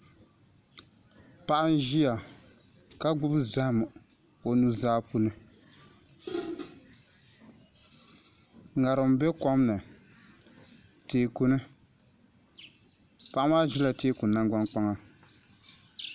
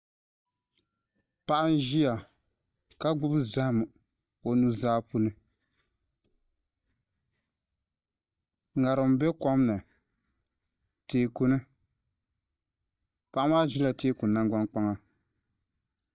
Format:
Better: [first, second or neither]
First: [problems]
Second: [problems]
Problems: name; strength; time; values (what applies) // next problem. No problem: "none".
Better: first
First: none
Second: noise reduction (neural mask model DeepFilterNet 3)